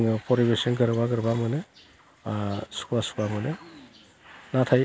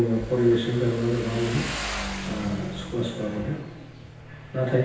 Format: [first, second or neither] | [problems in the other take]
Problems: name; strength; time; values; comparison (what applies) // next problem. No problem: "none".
first | background sound (Motorcycle); 9 dB below the speech // room echo; dies away in 0.9 s